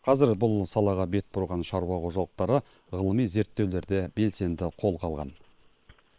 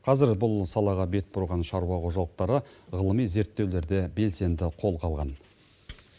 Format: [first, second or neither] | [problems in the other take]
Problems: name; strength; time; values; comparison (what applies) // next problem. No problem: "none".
second | noise reduction (neural separator model SepFormer WHAM!)